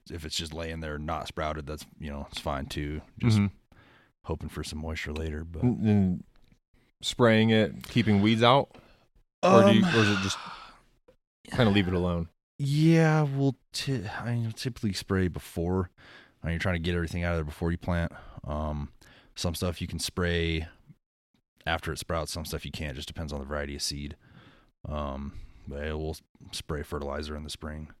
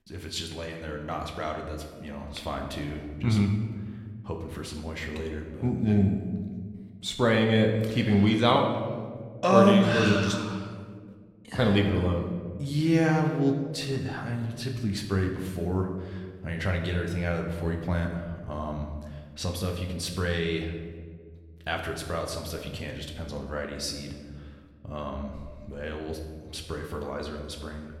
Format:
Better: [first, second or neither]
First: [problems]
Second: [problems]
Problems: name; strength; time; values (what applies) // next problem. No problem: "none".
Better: first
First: none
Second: room echo; slight; dies away in 1.2 s